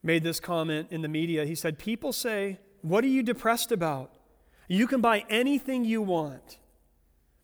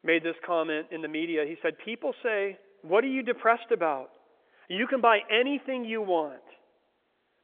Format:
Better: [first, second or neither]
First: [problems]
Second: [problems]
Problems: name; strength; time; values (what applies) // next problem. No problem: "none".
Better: first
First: none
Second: phone-call audio; nothing above 3.5 kHz